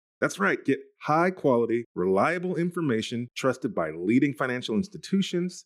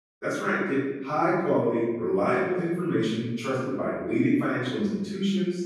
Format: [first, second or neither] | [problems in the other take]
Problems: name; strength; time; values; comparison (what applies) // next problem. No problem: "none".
first | off-mic speech; far // room echo; strong; dies away in 1 s